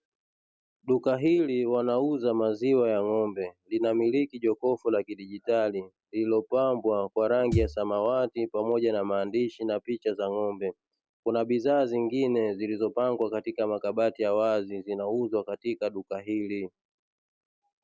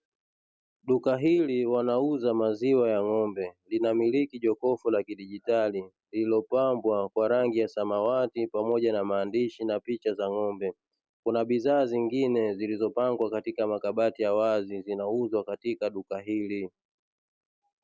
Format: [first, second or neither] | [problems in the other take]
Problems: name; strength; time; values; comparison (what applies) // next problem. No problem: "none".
second | background sound (Thump, thud); 5 dB below the speech